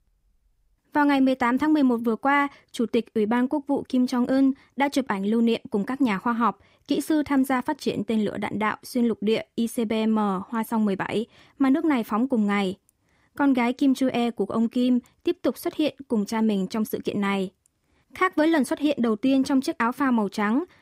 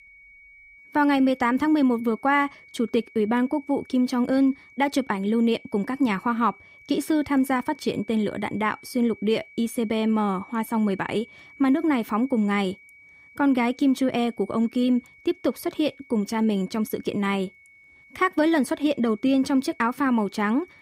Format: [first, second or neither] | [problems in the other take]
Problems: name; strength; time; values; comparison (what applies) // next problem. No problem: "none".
first | high-pitched whine; faint; throughout; 2.5 kHz, 25 dB below the speech